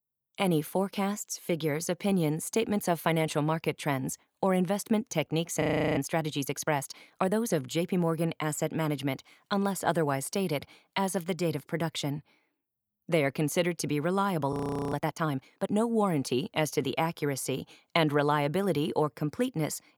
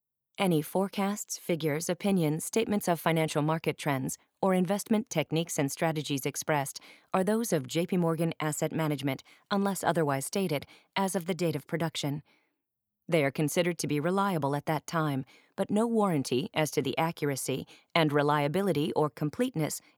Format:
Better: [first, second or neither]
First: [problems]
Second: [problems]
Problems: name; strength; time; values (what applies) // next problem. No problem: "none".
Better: second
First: audio freezing; at 5.5 s and at 15 s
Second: none